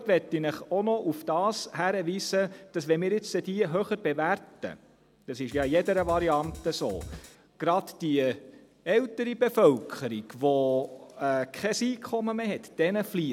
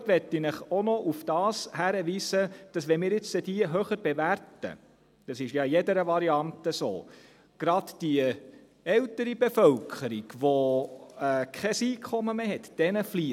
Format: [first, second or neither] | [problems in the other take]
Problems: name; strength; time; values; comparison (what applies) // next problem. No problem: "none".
second | background sound (Drum kit); 15 dB below the speech